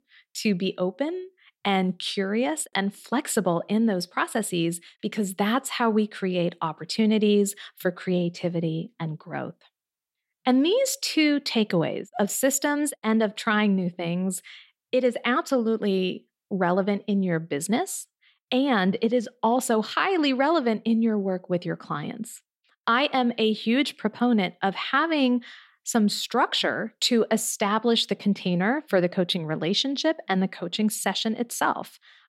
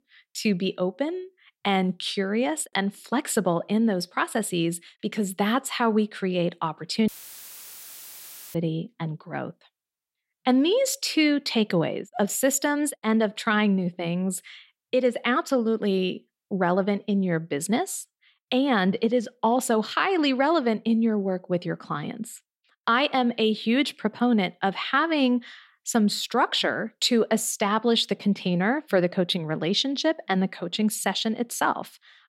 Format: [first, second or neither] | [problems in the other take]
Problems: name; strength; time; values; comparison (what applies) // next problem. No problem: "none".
first | audio cutting out; filled with static; at 7 s for 1.5 s